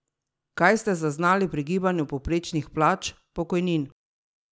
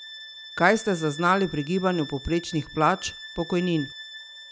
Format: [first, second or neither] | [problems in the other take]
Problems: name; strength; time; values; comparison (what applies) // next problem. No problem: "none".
first | background sound (Bowed string instrument); 15 dB below the speech